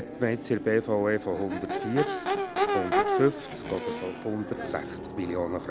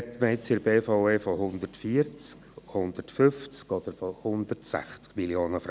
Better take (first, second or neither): second